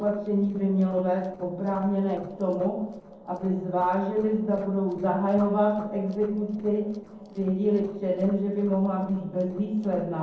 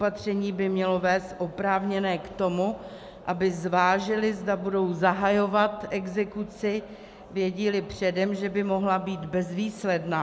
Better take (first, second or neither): second